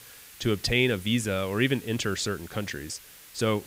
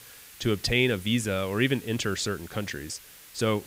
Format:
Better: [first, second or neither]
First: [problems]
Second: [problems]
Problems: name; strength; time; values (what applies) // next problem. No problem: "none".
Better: neither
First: hiss; noticeable; throughout; 20 dB below the speech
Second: hiss; noticeable; throughout; 20 dB below the speech